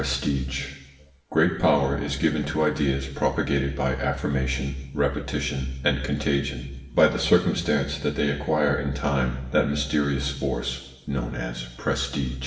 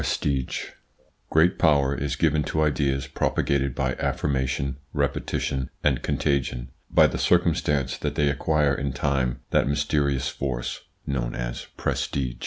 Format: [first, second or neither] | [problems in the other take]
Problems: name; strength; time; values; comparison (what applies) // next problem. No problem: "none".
second | room echo; dies away in 1.1 s